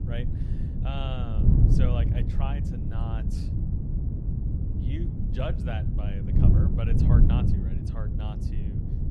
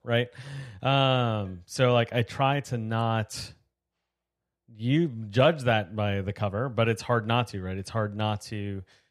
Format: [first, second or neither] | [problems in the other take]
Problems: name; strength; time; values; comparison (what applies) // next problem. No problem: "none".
second | wind noise on the microphone; heavy; 1 dB above the speech